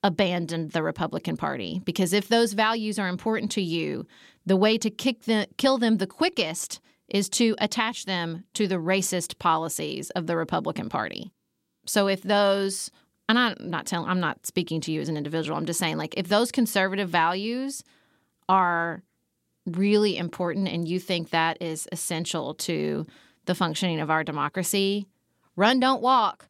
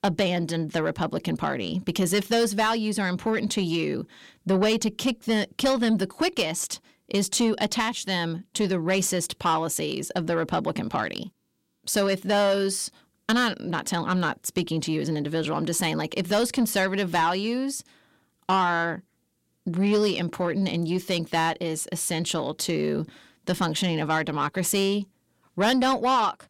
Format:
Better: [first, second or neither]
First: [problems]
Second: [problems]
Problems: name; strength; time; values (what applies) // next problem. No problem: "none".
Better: first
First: none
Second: distortion; slight; 10 dB below the speech